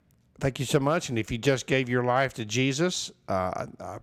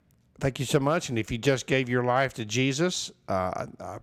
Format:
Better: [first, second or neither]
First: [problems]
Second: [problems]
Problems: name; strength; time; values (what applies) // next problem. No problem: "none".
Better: neither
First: none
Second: none